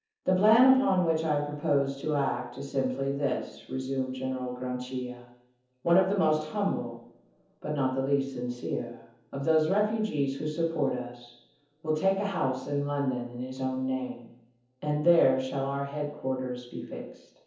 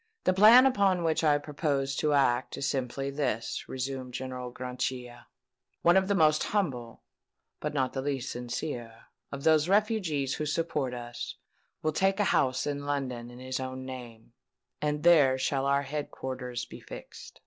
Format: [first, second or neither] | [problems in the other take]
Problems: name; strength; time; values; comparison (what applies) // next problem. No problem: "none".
second | room echo; dies away in 0.7 s